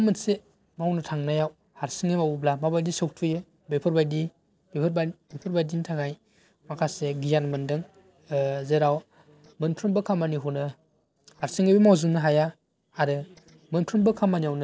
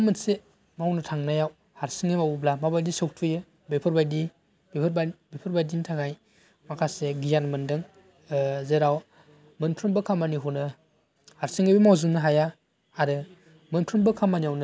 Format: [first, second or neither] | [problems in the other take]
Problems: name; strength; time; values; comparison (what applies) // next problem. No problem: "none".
second | noise reduction (neural separator model SepFormer DNS4)